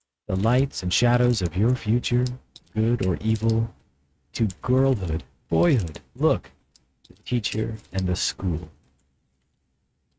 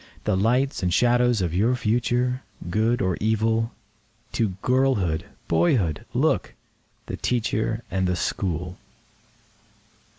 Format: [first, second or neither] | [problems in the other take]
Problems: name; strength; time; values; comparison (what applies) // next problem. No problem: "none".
second | noise reduction (neural mask model RNNoise)